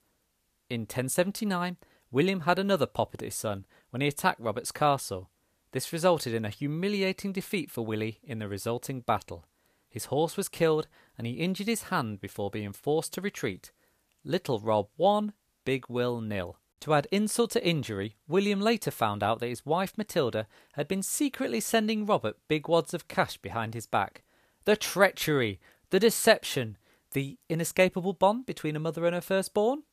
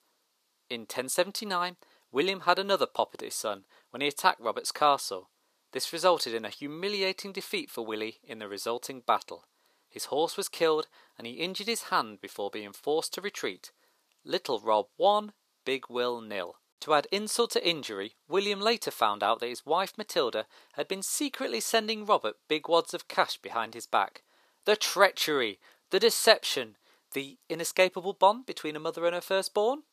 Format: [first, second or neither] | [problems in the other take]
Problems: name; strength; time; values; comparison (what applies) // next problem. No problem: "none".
first | thin; somewhat; fading below 400 Hz